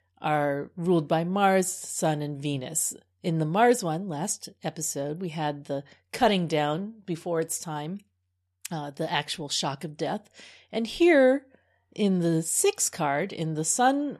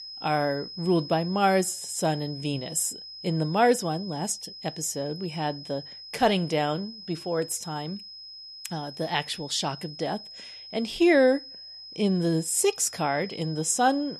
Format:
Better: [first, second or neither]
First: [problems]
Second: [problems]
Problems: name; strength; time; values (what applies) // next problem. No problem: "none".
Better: first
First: none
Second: high-pitched whine; noticeable; throughout; 5 kHz, 15 dB below the speech